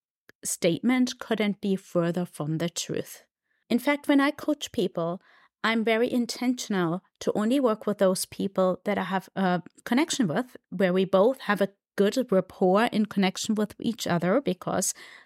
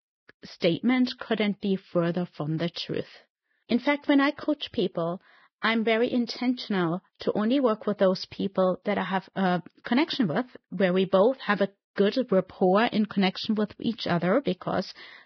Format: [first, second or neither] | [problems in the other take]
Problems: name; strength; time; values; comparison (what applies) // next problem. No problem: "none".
first | garbled, watery; badly; nothing above 5.5 kHz